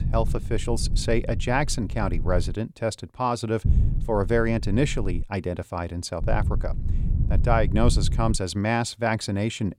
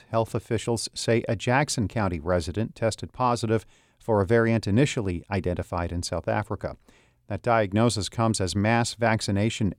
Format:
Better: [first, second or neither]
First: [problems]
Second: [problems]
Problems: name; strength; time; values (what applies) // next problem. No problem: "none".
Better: second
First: low rumble; noticeable; until 2.5 s, from 3.5 to 5 s and from 6 to 8.5 s; 15 dB below the speech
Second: none